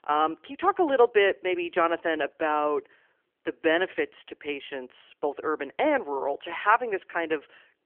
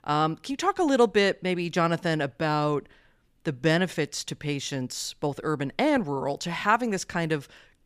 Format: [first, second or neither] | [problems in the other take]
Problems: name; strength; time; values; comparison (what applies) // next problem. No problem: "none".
second | phone-call audio; nothing above 3 kHz